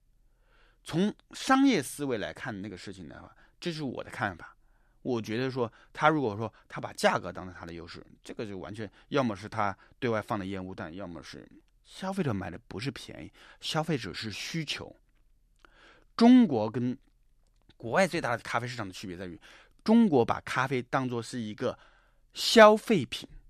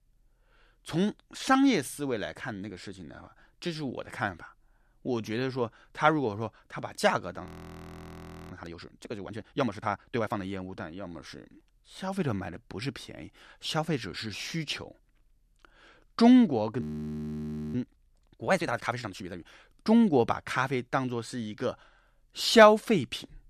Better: first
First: none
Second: audio freezing; at 7.5 s for 1 s and at 17 s for 1 s

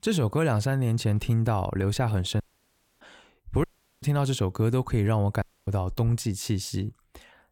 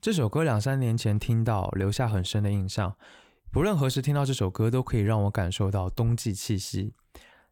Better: second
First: audio cutting out; at 2.5 s for 0.5 s, at 3.5 s and at 5.5 s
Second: none

